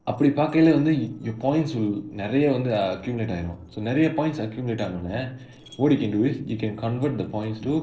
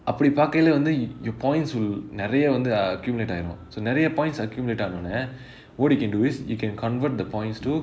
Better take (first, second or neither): second